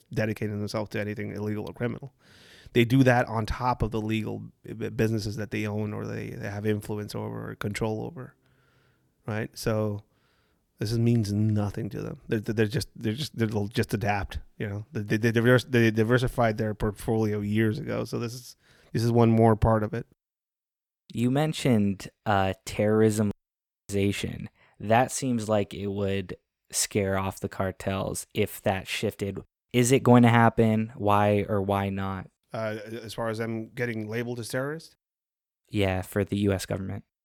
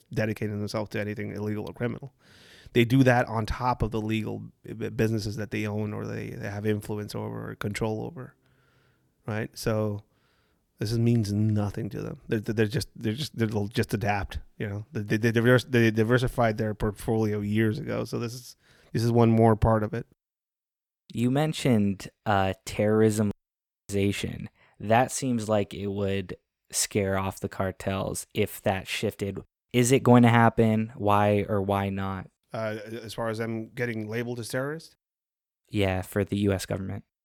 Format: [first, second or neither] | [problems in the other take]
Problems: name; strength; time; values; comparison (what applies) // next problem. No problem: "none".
neither | none